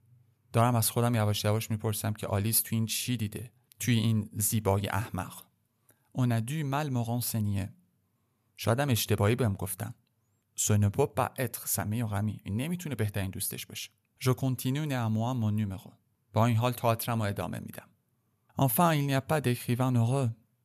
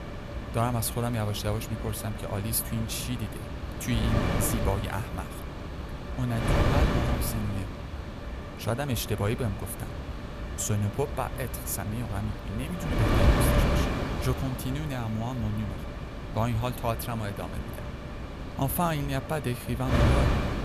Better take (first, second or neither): first